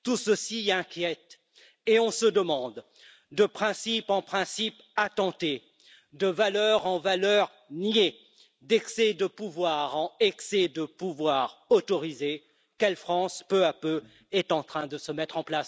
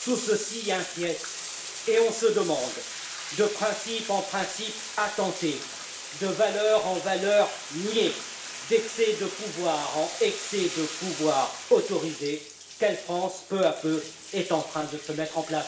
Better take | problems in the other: first | background sound (Bathtub (filling or washing)); 10 dB below the speech // room echo; dies away in 0.6 s

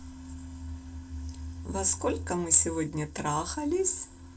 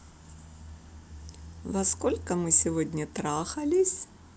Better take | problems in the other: second | noise reduction (neural separator model SepFormer DNS4)

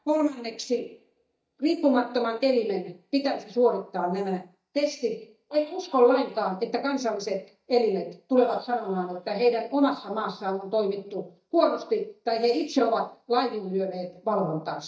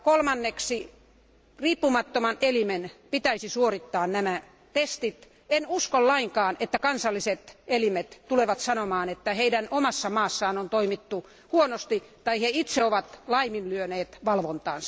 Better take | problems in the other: second | noise reduction (neural mask model DeepFilterNet 3)

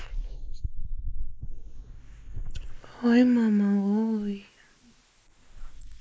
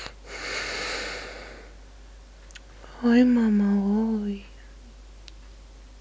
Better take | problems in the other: second | noise reduction (neural mask model Resemble Enhance denoiser)

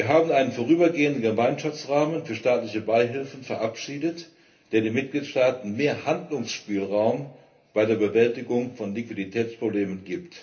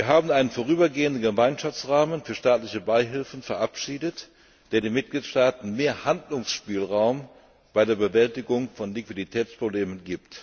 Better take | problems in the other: second | room echo; dies away in 0.3 s

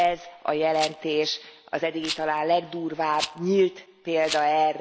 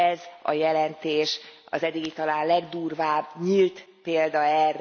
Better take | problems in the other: second | background sound (Rattle); 14 dB below the speech

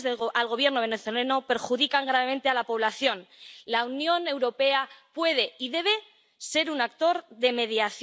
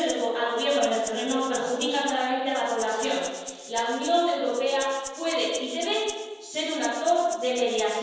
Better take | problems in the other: first | background sound (Rattle (instrument)); 15 dB below the speech // room echo; dies away in 1.2 s

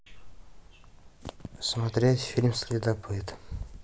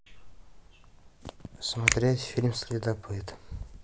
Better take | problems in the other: first | background sound (Finger snapping); 1 dB below the speech

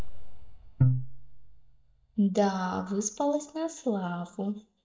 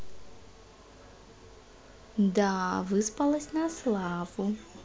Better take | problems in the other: second | noise reduction (neural mask model DeepFilterNet 3)

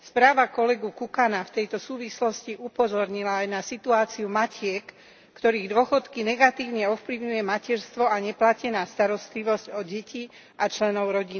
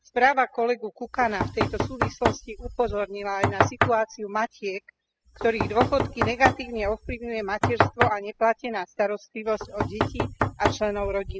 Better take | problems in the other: first | noise reduction (classical method spectral subtraction)

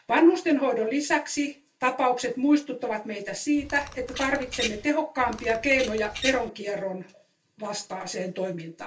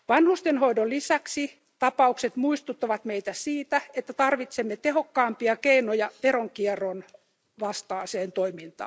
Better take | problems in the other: second | background sound (Bird vocalization, bird call, bird song); 10 dB below the speech // room echo; dies away in 0.2 s

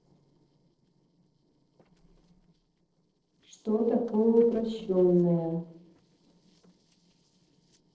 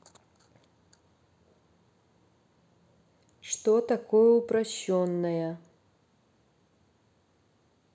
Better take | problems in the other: second | noise reduction (neural separator model SepFormer DNS4)

